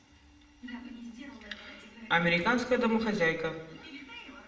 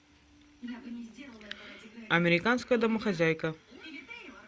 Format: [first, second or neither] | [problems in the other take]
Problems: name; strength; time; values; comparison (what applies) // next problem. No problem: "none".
second | room echo; dies away in 0.7 s